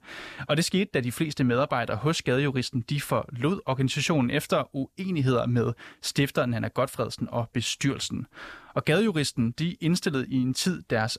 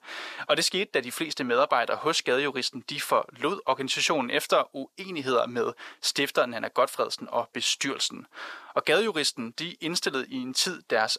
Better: first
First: none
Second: thin; somewhat; fading below 450 Hz

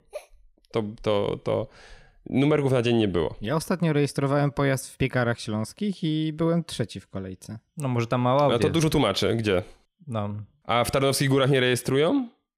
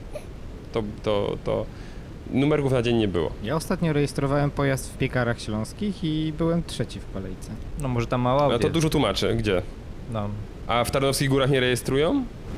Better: first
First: none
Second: wind noise on the microphone; occasional gusts; 20 dB below the speech

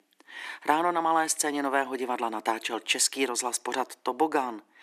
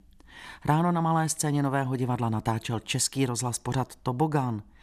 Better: second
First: thin; somewhat; fading below 300 Hz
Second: none

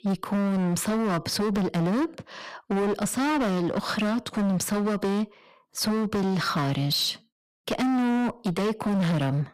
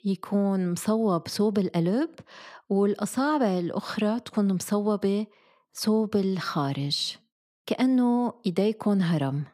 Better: second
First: distortion; heavy; 29% of the sound clipped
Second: none

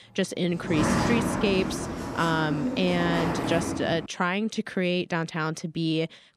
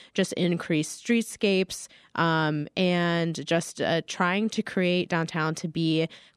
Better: second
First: door banging; loud; from 0.5 to 4 s; peak 3 dB above the speech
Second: none

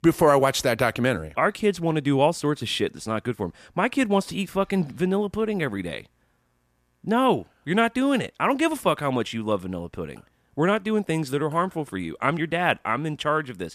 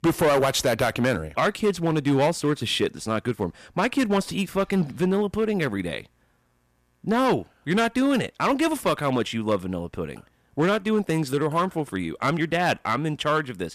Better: first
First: none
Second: distortion; slight; 6% of the sound clipped

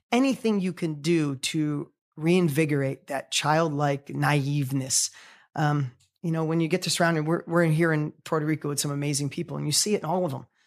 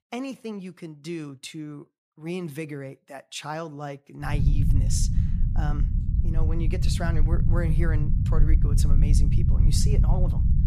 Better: first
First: none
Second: low rumble; loud; from 4.5 s on; 3 dB below the speech

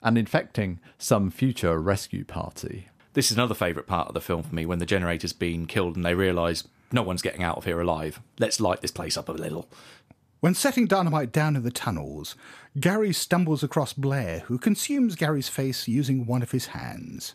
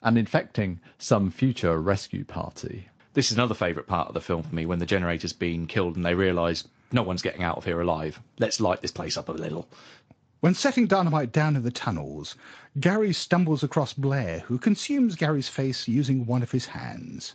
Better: first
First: none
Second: garbled, watery; slightly; nothing above 7.5 kHz

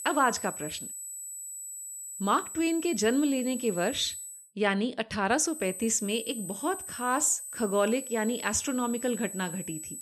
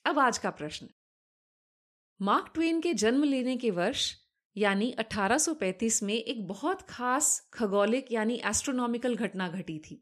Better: second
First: high-pitched whine; loud; until 4.5 s and from 5.5 s on; 8 kHz, 9 dB below the speech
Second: none

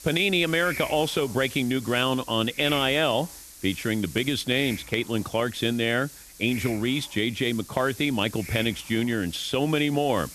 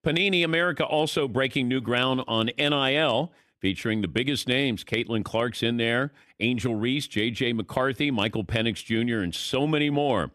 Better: second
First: hiss; noticeable; throughout; 15 dB below the speech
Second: none

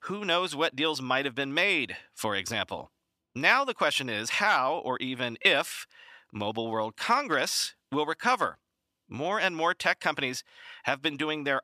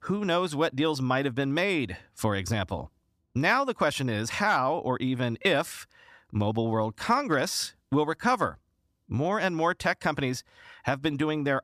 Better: second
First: thin; very slightly; fading below 500 Hz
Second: none

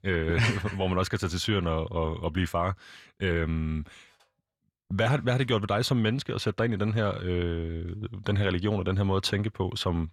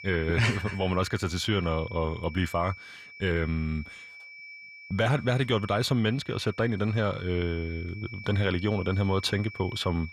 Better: first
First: none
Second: high-pitched whine; noticeable; throughout; 2.5 kHz, 15 dB below the speech

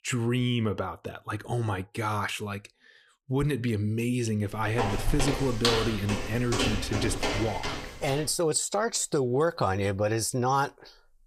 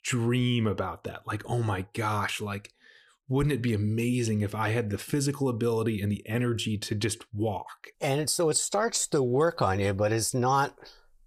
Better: second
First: footsteps; loud; from 4.5 to 8 s; peak 2 dB above the speech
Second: none

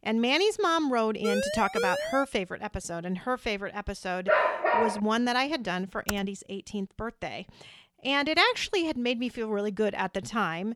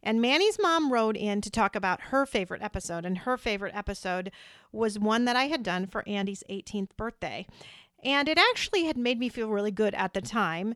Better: second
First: siren; noticeable; from 1 to 2.5 s; peak 1 dB below the speech // dog barking; loud; at 4.5 s; peak 4 dB above the speech // keyboard typing; very faint; at 6 s; peak 8 dB below the speech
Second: none

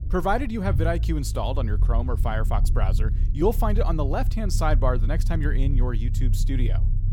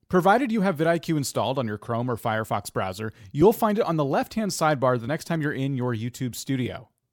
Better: second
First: low rumble; noticeable; throughout; 15 dB below the speech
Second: none

